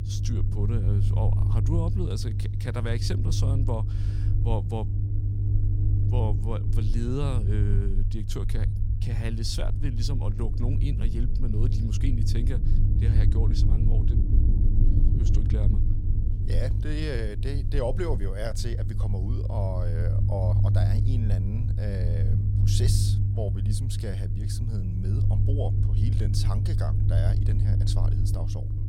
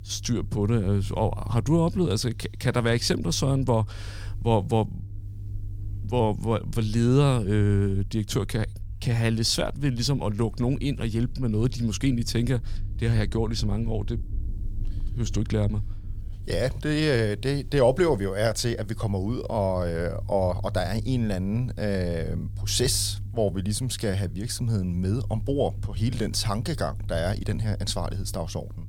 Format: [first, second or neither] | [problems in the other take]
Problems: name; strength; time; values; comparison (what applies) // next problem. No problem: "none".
second | low rumble; loud; throughout; 3 dB below the speech; faint in the second